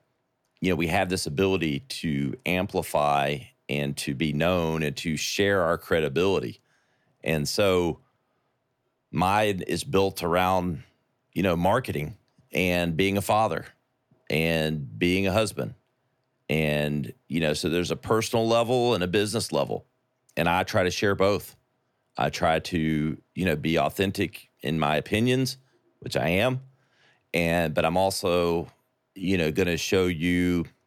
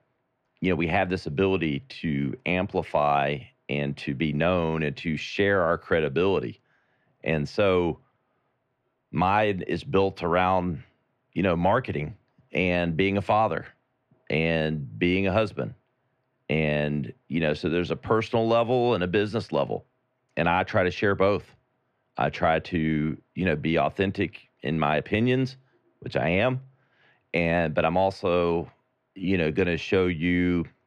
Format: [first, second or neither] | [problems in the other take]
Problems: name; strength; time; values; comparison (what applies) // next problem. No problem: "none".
first | muffled; slightly; fading above 2.5 kHz